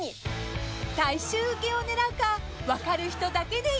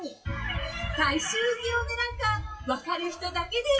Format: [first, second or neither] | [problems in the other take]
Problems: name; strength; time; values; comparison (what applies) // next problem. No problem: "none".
first | noise reduction (classical method WPE with log-MMSE)